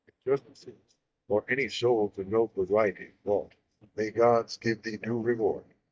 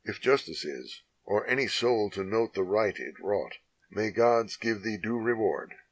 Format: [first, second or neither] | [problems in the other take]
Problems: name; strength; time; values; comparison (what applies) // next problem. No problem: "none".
second | noise reduction (neural mask model DeepFilterNet 3)